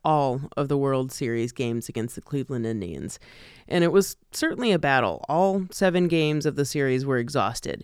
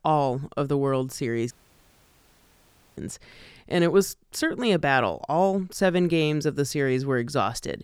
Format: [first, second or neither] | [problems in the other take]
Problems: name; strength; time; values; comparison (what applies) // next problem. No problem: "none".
first | audio cutting out; at 1.5 s for 1.5 s